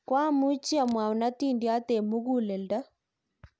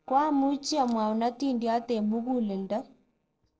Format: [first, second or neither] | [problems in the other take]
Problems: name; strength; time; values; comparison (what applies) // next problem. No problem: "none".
first | noise reduction (neural separator model SepFormer DNS4)